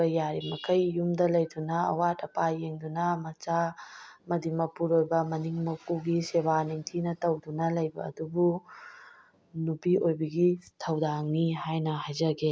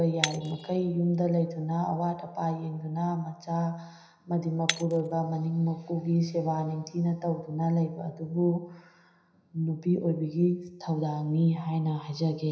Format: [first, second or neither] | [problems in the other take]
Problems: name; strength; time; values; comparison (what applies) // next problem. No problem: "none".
first | background sound (Shatter); 12 dB below the speech // room echo; dies away in 0.9 s